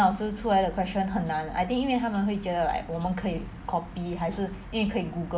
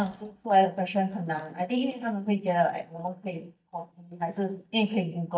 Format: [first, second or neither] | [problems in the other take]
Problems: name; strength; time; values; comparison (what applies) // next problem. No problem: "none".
first | noise reduction (neural mask model DeepFilterNet 3)